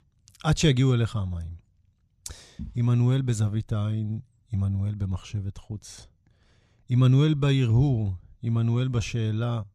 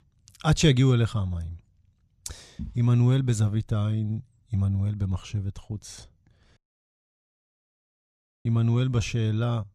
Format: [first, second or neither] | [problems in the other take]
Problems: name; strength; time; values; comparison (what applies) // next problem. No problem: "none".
first | audio cutting out; at 6.5 s for 2 s